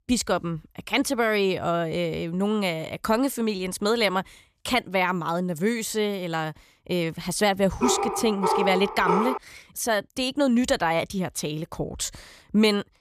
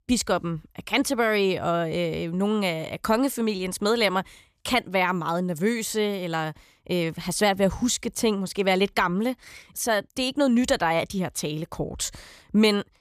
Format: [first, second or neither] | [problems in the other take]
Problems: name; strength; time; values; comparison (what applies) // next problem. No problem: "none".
second | dog barking; loud; from 8 to 9.5 s; peak 1 dB above the speech